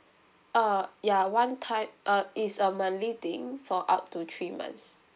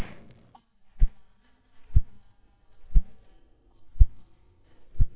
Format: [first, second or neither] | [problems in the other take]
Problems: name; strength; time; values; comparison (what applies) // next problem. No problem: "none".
first | noise reduction (neural mask model DeepFilterNet 3)